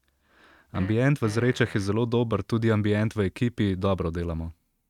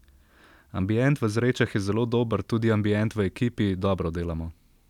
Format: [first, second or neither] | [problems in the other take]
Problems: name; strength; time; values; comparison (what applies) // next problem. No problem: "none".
second | noise reduction (neural mask model RNNoise)